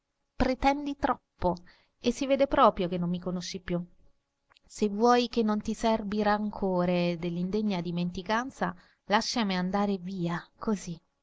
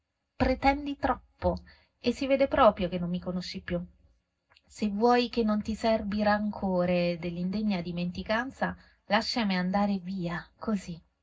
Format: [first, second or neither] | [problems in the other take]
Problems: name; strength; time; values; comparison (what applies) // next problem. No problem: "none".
first | room echo; dies away in 0.4 s